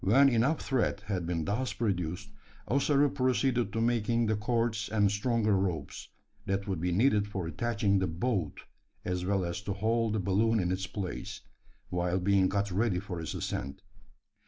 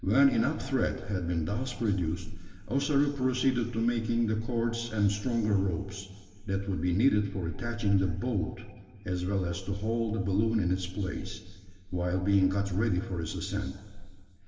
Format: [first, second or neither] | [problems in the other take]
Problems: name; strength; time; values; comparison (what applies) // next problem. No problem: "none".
first | room echo; dies away in 2.1 s